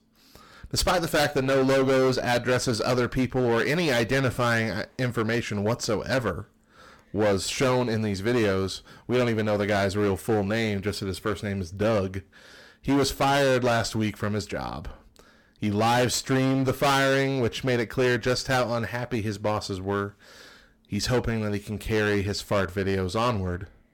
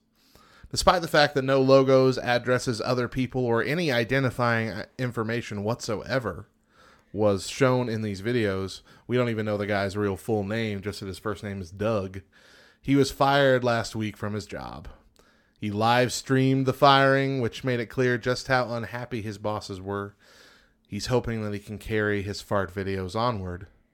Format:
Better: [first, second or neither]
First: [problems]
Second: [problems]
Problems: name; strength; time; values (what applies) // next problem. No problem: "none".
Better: second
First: distortion; heavy; 16% of the sound clipped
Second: none